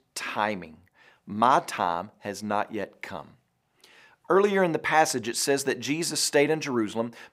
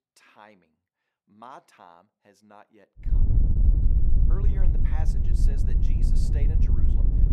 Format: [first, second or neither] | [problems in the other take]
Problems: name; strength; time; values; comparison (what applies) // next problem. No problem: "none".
first | wind noise on the microphone; heavy; from 3 s on; 4 dB above the speech